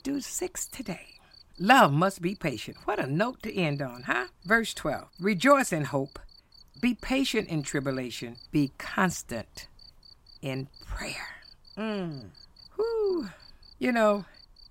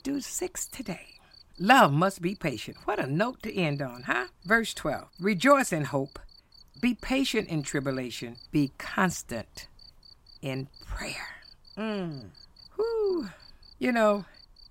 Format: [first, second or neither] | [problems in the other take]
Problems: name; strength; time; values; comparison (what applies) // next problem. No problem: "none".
neither | animal sounds; faint; throughout; 25 dB below the speech; the same in both